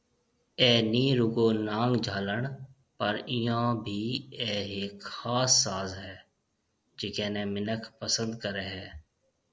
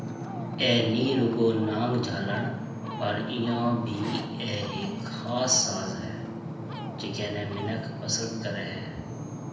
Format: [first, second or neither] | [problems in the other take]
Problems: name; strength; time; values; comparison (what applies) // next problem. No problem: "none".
first | background sound (Ocean); 5 dB below the speech // room echo; dies away in 0.8 s